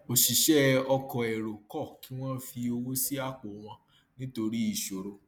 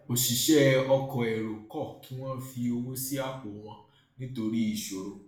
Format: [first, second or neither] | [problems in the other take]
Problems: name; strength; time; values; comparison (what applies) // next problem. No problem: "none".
first | room echo; dies away in 0.5 s